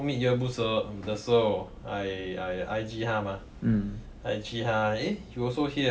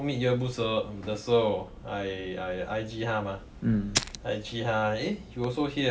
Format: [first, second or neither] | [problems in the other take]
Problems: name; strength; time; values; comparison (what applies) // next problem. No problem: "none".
first | background sound (Fire); 7 dB below the speech